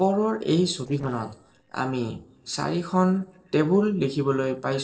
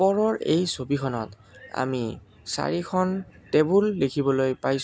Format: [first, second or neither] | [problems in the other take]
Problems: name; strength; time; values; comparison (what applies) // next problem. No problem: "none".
second | noise reduction (neural separator model SepFormer DNS4)